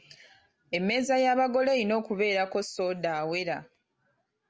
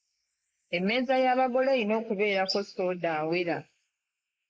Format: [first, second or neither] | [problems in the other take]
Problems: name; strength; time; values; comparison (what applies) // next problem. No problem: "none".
first | noise reduction (neural mask model Resemble Enhance denoiser)